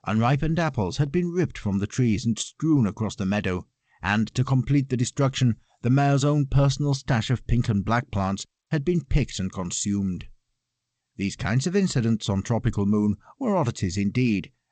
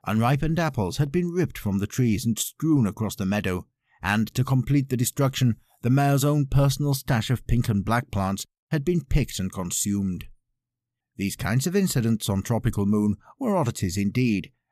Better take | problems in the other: second | garbled, watery; slightly; nothing above 8 kHz

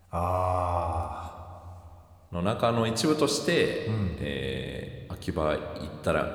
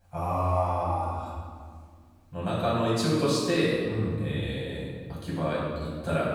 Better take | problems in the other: first | room echo; strong; dies away in 1.7 s; slight in the first // off-mic speech; far

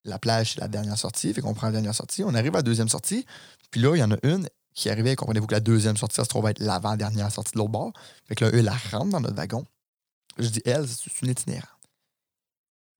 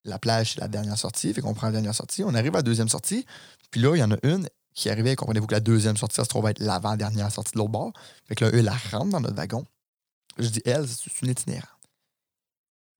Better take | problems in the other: neither | none

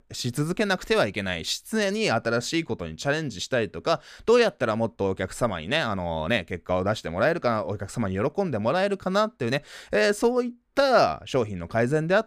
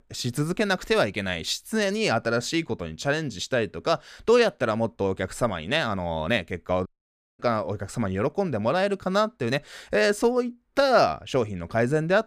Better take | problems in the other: first | audio cutting out; at 7 s for 0.5 s

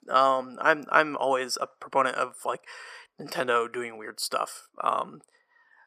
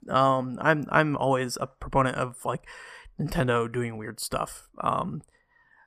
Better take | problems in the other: second | thin; somewhat; fading below 450 Hz

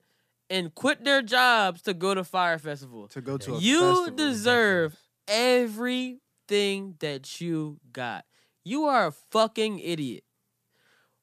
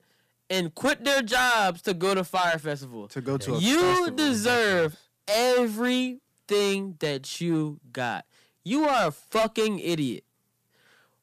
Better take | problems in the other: first | distortion; heavy; 11% of the sound clipped

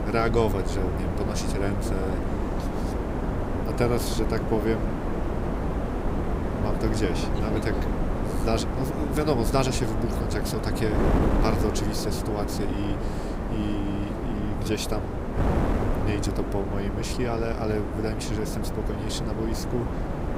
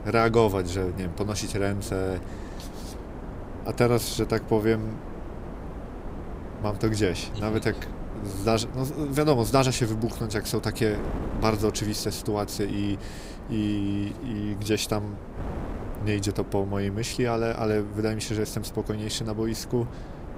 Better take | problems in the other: second | wind noise on the microphone; heavy; 1 dB below the speech; occasional gusts in the second

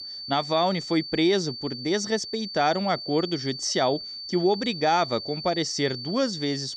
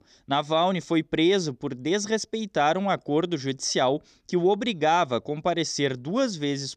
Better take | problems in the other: second | high-pitched whine; loud; throughout; 4.5 kHz, 8 dB below the speech

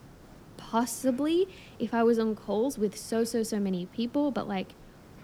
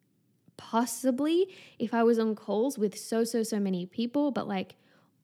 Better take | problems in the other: second | hiss; faint; throughout; 25 dB below the speech

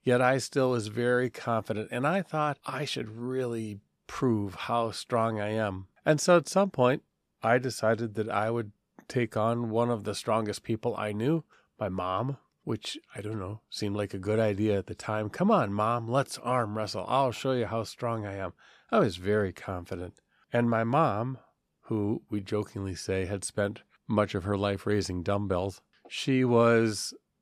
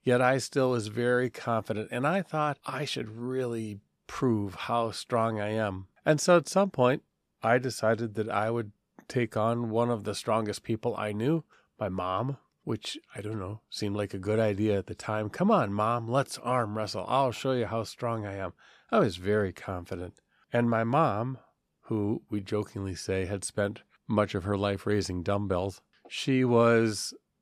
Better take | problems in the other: neither | none

